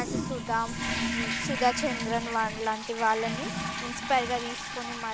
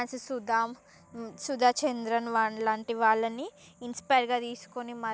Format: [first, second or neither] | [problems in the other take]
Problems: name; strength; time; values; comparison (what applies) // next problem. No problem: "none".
second | background sound (Toilet flush); 2 dB below the speech